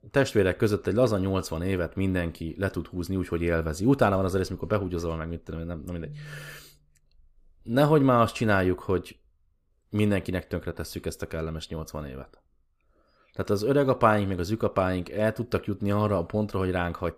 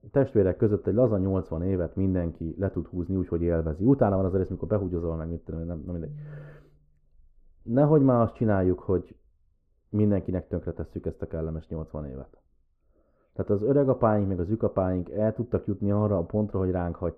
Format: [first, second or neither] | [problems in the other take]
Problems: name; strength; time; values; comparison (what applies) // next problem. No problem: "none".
first | muffled; very; fading above 2 kHz